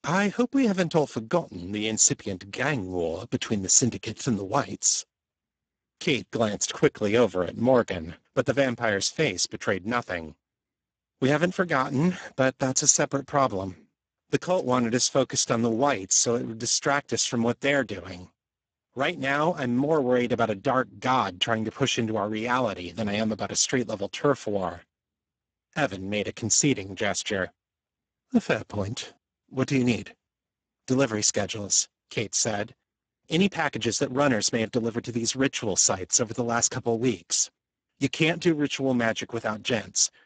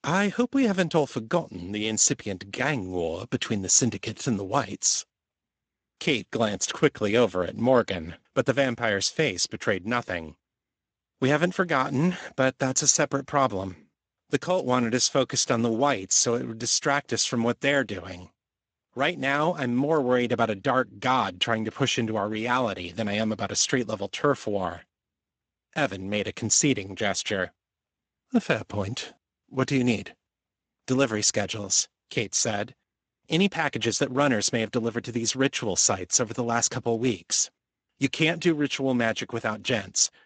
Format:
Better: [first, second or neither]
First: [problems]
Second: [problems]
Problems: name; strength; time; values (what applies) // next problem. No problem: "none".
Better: second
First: garbled, watery; badly; nothing above 7.5 kHz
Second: garbled, watery; slightly; nothing above 7.5 kHz